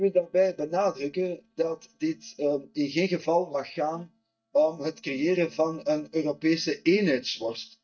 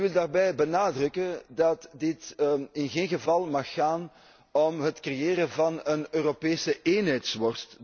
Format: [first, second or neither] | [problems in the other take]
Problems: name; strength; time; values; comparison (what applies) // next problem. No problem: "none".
second | noise reduction (neural mask model DeepFilterNet 3)